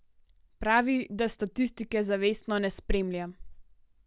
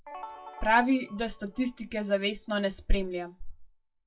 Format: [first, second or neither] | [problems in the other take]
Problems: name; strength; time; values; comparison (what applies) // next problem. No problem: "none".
first | noise reduction (classical method WPE with log-MMSE)